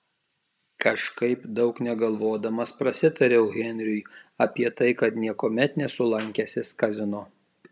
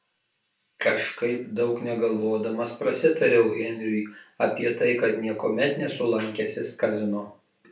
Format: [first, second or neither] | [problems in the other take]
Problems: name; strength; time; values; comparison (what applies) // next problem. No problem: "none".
first | room echo; dies away in 0.3 s